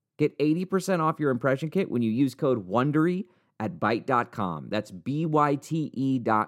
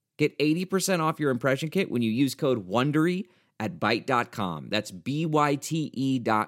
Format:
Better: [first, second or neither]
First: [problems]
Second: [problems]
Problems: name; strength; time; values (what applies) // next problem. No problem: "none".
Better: second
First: muffled; slightly; fading above 1.5 kHz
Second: none